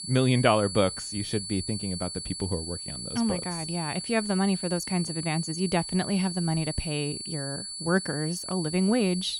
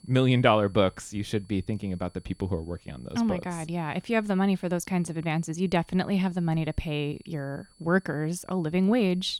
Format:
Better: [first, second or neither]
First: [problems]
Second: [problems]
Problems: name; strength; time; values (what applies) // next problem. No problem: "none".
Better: second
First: high-pitched whine; loud; throughout; 4.5 kHz, 6 dB below the speech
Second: high-pitched whine; faint; throughout; 4.5 kHz, 30 dB below the speech